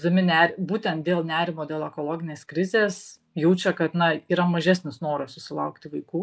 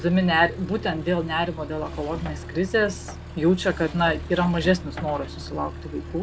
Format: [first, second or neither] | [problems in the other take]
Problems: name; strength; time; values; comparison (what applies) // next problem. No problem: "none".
first | background sound (Accelerating, revving, vroom); 11 dB below the speech